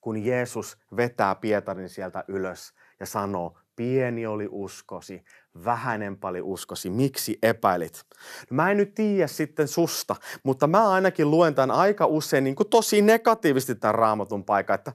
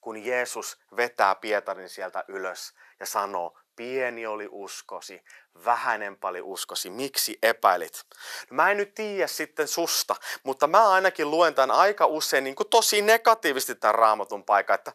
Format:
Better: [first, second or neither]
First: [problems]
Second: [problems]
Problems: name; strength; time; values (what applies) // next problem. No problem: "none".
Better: first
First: none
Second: thin; very; fading below 650 Hz